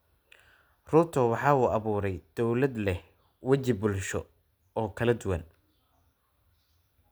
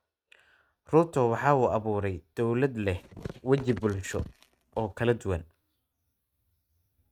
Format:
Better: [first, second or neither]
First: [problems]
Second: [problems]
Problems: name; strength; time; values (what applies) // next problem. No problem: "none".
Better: first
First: none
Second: noise reduction (neural mask model RNNoise)